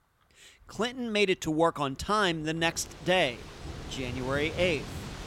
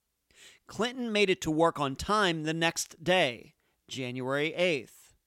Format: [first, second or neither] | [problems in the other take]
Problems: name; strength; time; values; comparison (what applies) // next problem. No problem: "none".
second | rain or running water; noticeable; throughout; 15 dB below the speech